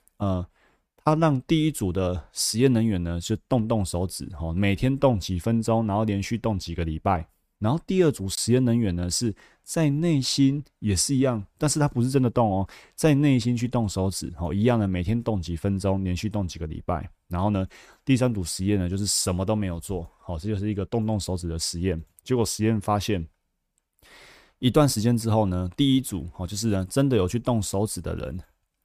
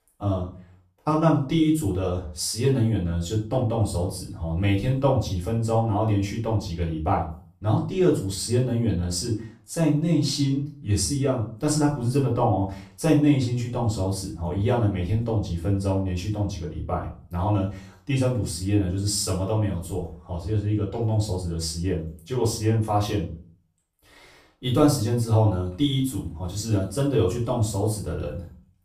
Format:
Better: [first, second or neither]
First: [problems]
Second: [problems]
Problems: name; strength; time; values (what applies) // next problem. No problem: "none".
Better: first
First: none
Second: off-mic speech; far // room echo; slight; dies away in 0.3 s